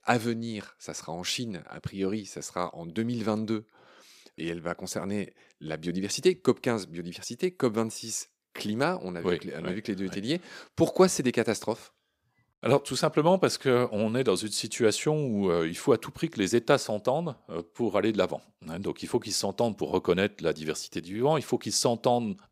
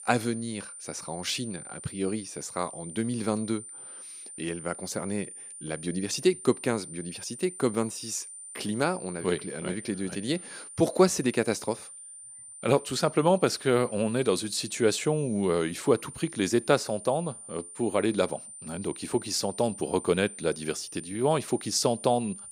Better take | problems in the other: first | high-pitched whine; noticeable; throughout; 9 kHz, 15 dB below the speech

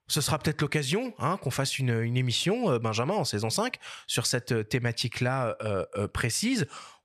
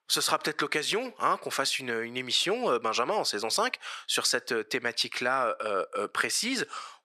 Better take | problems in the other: first | thin; somewhat; fading below 300 Hz

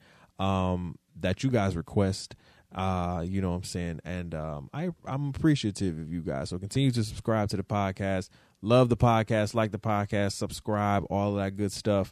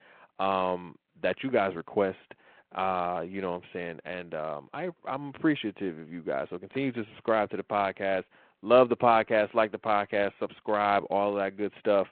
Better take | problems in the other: first | phone-call audio; nothing above 4 kHz

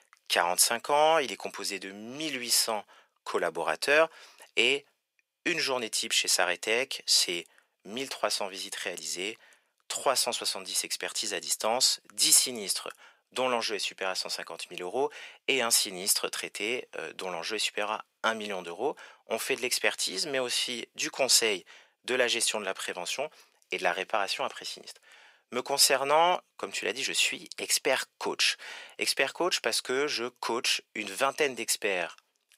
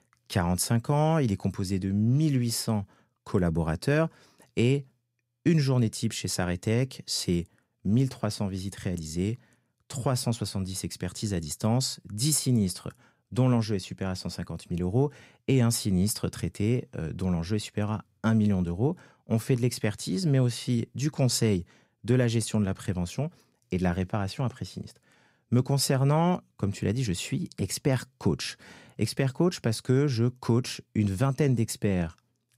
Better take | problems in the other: second | thin; very; fading below 550 Hz

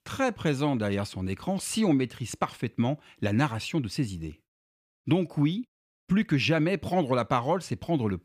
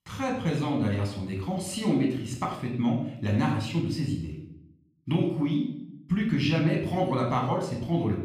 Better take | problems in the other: first | off-mic speech; somewhat distant // room echo; noticeable; dies away in 0.6 s

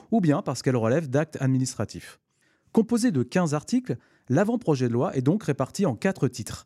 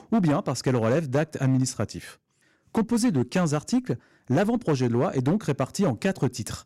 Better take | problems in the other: first | distortion; slight; 8% of the sound clipped

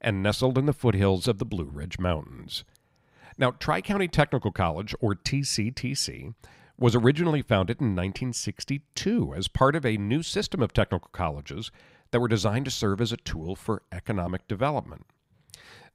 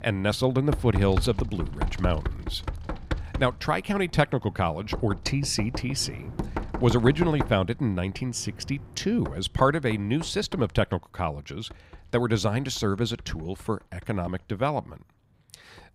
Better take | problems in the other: first | household noises; loud; throughout; 9 dB below the speech

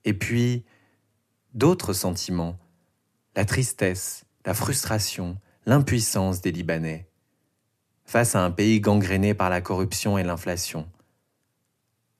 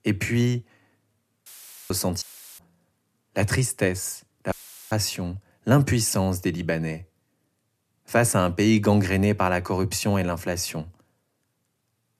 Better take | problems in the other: first | audio cutting out; filled with static; at 1.5 s, at 2 s and at 4.5 s

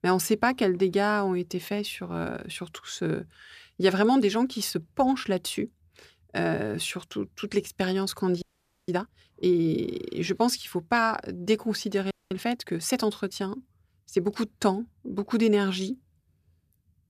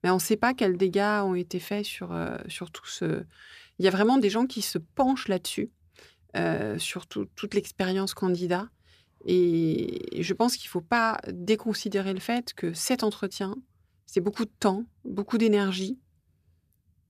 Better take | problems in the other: second | audio freezing; at 8.5 s and at 12 s

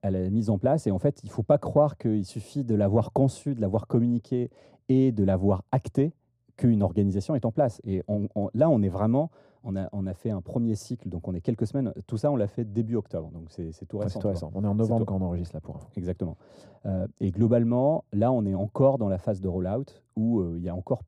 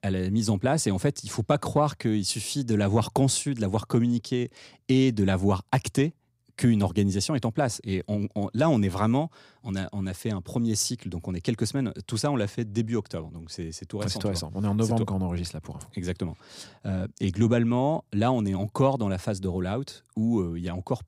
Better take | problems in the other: second | muffled; very; fading above 1.5 kHz

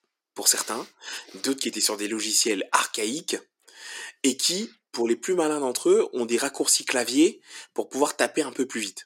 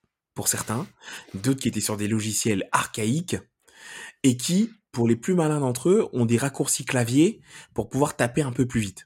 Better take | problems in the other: second | thin; somewhat; fading below 300 Hz

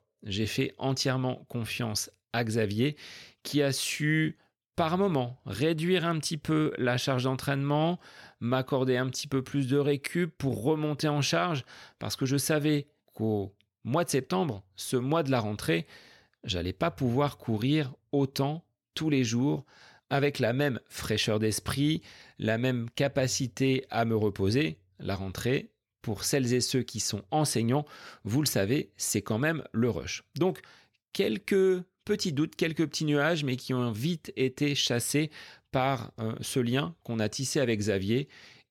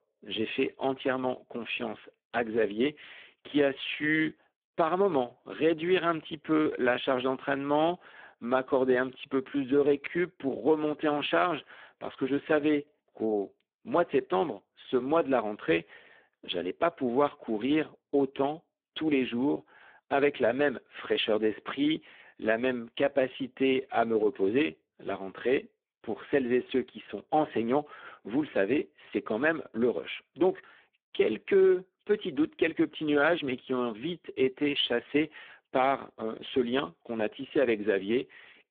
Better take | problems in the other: first | phone-call audio; poor line

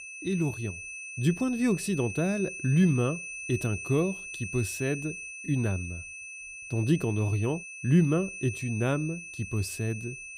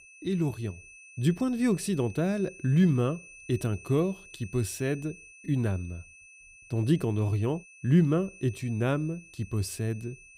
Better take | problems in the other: second | high-pitched whine; loud; throughout; 2.5 kHz, 9 dB below the speech; faint in the second

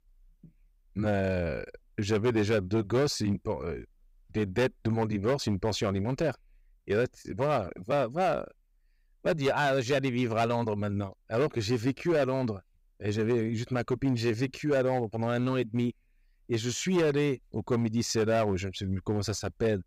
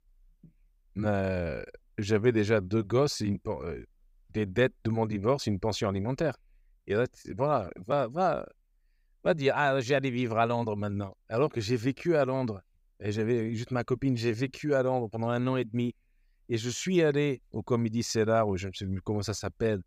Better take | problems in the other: second | distortion; slight; 6% of the sound clipped

